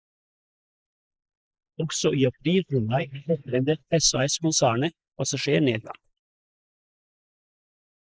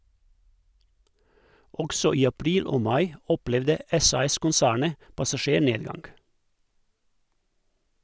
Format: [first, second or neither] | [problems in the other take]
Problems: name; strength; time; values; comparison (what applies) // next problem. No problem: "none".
second | noise reduction (neural mask model Resemble Enhance denoiser)